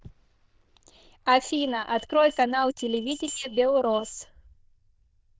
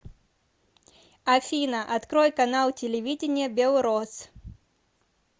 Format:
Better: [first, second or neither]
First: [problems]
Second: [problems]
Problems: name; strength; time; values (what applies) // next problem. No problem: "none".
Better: second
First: noise reduction (neural diffusion model UNIVERSE++)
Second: none